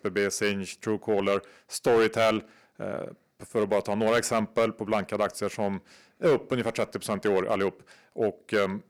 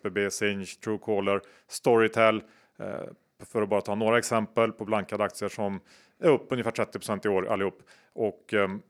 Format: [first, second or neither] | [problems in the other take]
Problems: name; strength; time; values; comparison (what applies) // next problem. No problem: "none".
second | distortion; slight; 3% of the sound clipped